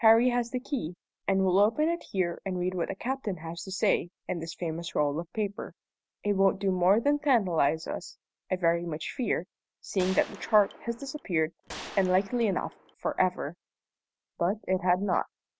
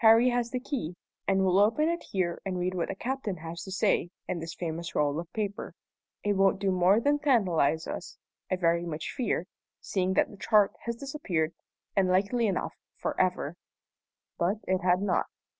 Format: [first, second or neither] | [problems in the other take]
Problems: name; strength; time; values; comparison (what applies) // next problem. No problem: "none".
second | background sound (Gunshot, gunfire); 16 dB below the speech